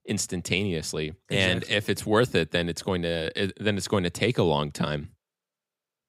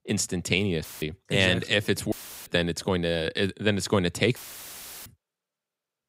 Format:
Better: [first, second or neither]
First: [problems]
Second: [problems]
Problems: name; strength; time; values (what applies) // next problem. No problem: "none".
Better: first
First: none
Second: audio cutting out; filled with static; at 1 s, at 2 s and at 4.5 s for 0.5 s